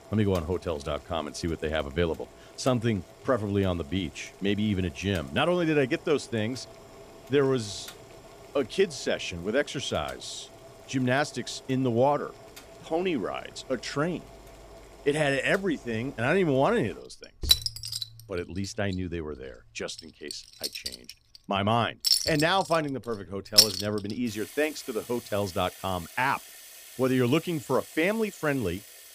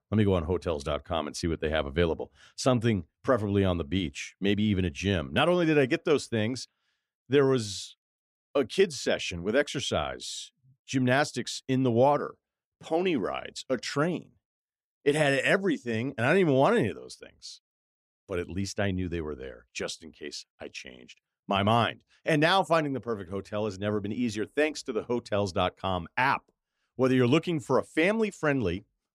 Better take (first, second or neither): second